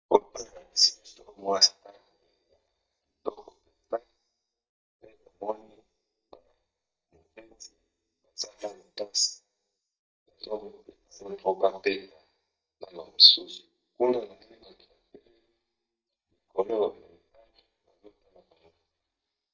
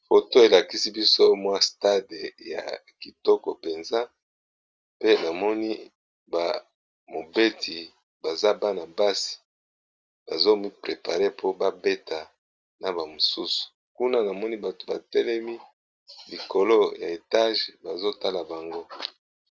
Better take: second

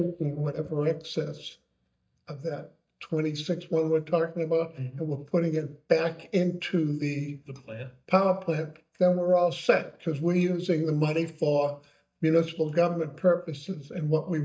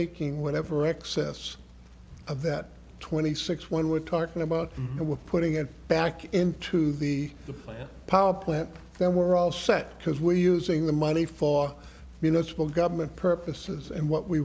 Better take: second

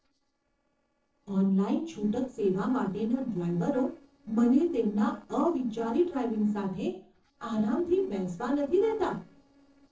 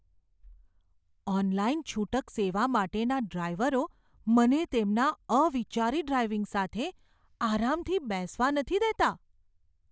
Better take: second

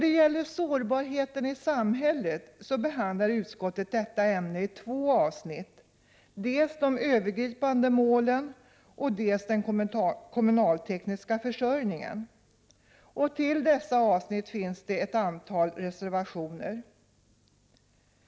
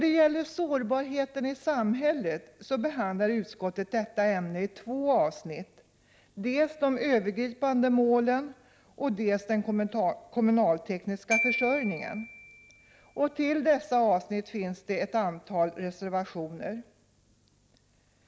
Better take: first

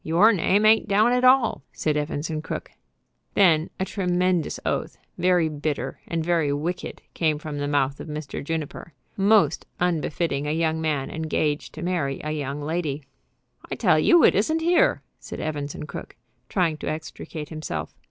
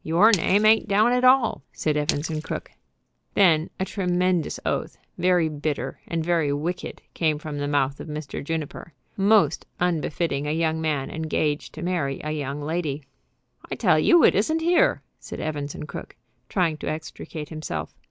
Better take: first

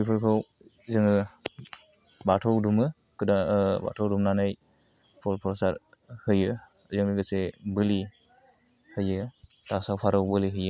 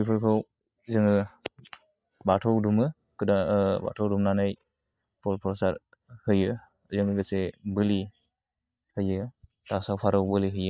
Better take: first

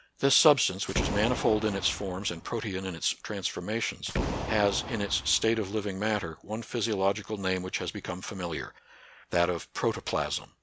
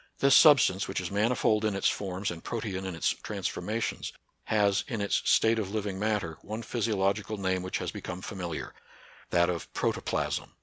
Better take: second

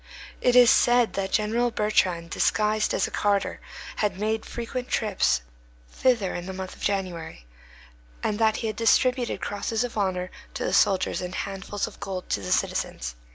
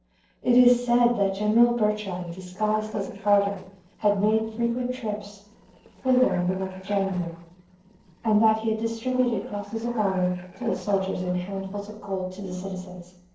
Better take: first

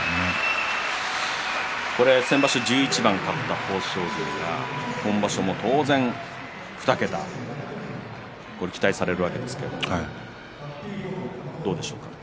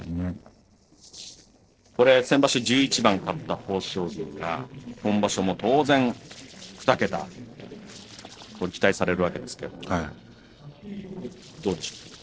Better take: first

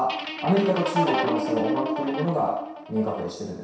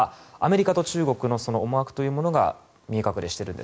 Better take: second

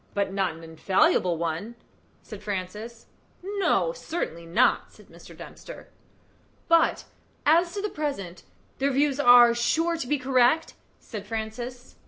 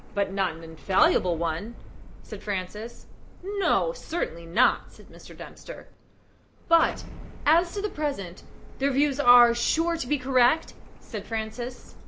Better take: first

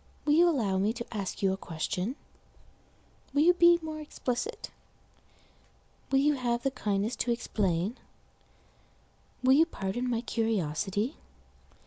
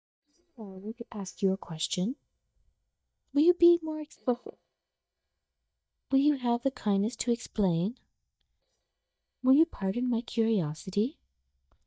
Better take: first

